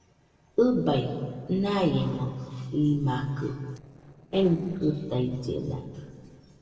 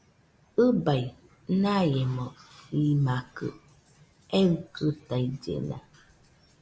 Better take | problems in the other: second | noise reduction (neural separator model SepFormer DNS4)

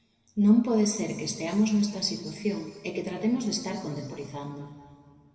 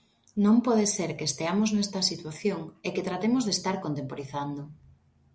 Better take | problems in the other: second | room echo; dies away in 2.2 s

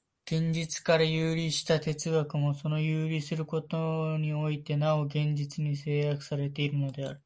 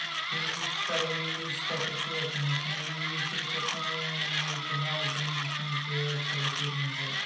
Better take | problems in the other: first | background sound (Mechanisms); 3 dB above the speech // room echo; dies away in 0.9 s

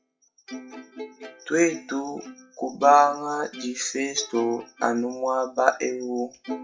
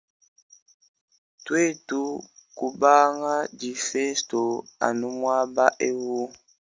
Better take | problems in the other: second | noise reduction (classical method WPE with log-MMSE)

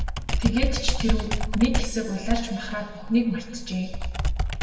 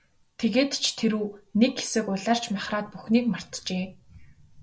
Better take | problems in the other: second | background sound (Computer keyboard); 1 dB above the speech // room echo; dies away in 1.3 s

